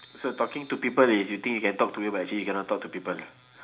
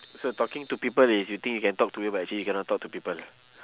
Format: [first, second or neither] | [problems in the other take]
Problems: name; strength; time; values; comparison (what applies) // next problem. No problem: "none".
second | room echo; dies away in 0.4 s